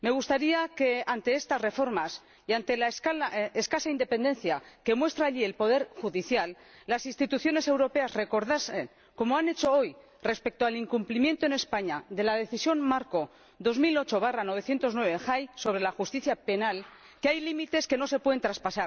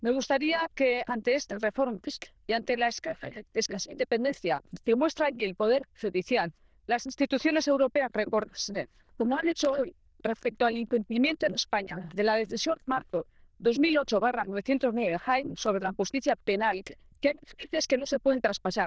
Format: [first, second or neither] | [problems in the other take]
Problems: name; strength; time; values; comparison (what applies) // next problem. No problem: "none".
first | noise reduction (neural diffusion model UNIVERSE++)